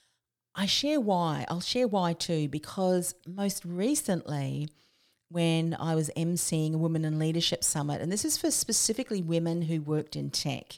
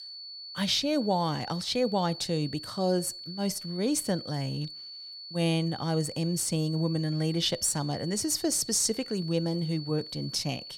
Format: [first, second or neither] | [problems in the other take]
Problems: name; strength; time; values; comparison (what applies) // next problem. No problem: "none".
first | high-pitched whine; noticeable; throughout; 4.5 kHz, 10 dB below the speech